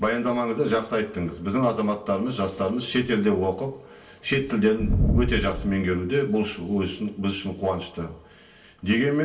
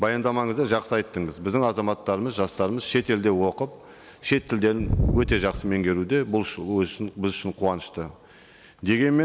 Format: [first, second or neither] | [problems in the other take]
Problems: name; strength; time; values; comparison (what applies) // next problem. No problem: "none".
second | room echo; dies away in 0.3 s